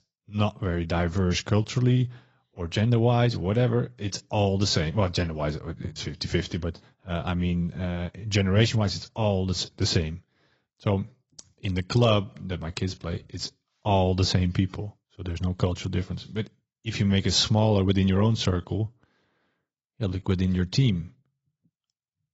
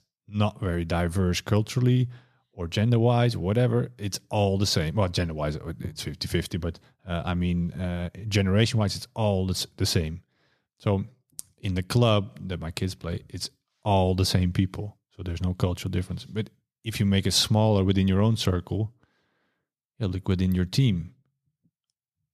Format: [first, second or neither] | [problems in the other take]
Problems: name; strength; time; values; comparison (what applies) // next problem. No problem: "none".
second | garbled, watery; badly; nothing above 7.5 kHz